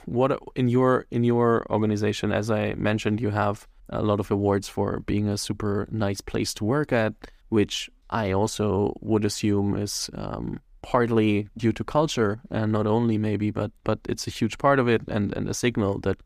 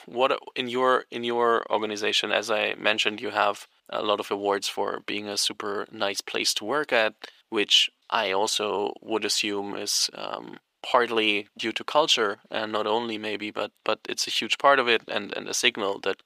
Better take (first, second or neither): first